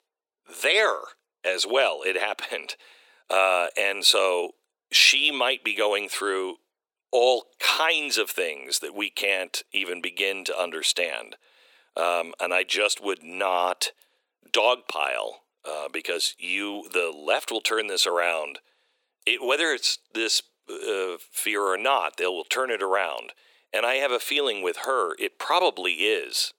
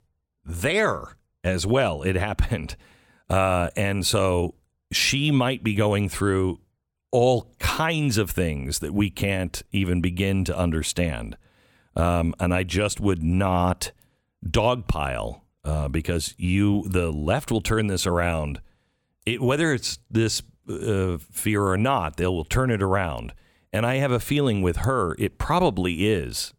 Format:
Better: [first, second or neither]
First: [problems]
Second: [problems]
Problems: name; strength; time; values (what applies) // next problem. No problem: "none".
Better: second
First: thin; very; fading below 400 Hz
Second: none